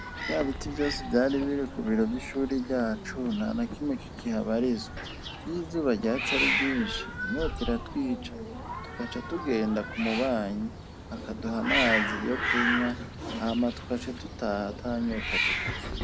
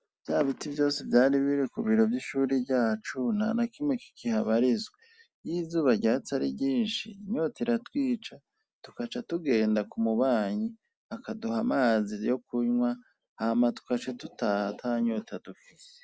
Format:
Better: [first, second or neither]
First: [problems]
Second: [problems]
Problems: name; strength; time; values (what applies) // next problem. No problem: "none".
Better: second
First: background sound (Hiss + Bird vocalization, bird call, bird song); 3 dB below the speech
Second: none